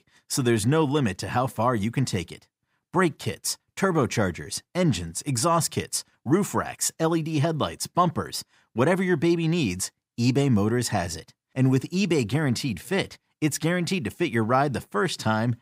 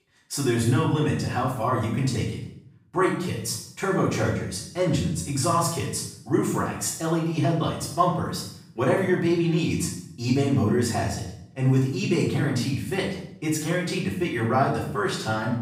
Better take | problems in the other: first | off-mic speech; far // room echo; noticeable; dies away in 0.7 s

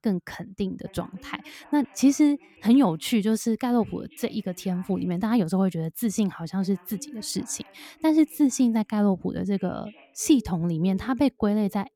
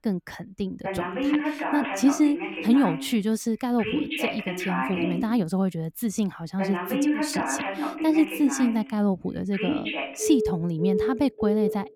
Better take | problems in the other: first | alarms or sirens; loud; throughout; 3 dB below the speech; faint in the first

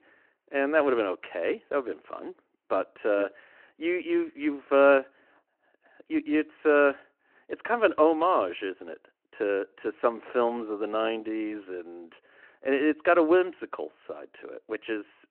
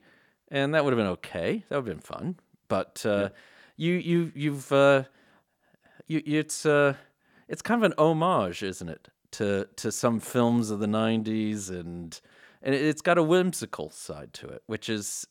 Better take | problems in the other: second | phone-call audio

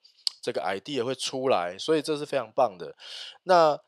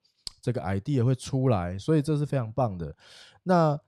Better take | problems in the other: second | thin; very; fading below 500 Hz

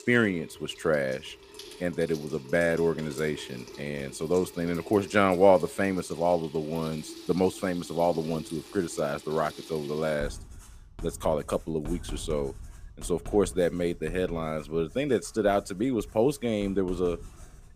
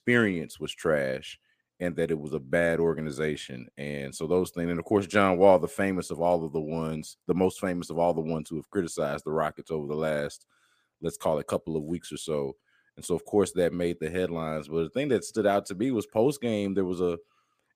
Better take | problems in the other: second | household noises; noticeable; throughout; 15 dB below the speech

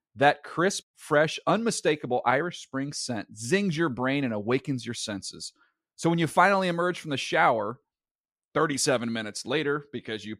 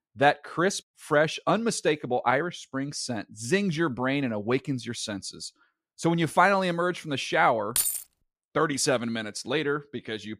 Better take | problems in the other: first | jangling keys; loud; at 8 s; peak 2 dB above the speech

